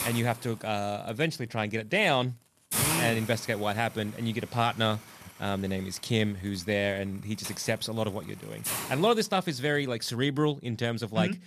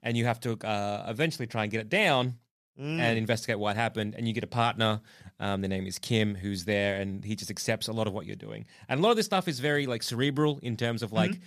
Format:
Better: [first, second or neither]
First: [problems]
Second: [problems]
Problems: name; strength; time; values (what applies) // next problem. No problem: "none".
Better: second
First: hiss; loud; throughout; 5 dB below the speech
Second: none